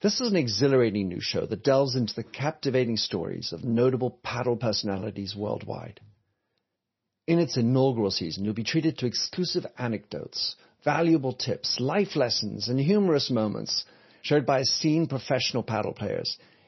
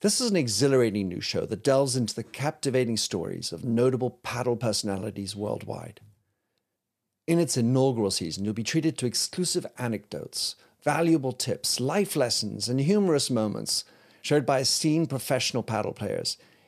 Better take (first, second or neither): second